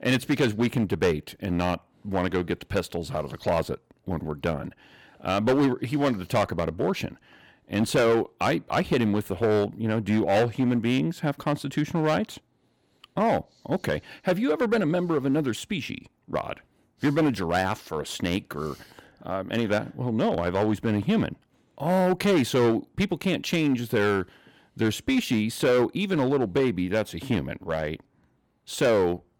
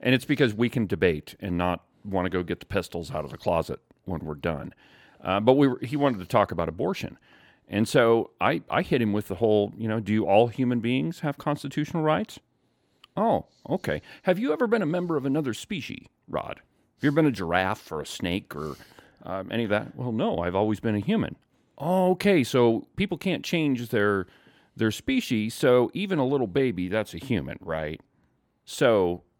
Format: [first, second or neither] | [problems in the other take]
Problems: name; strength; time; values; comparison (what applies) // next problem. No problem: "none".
second | distortion; slight; 6% of the sound clipped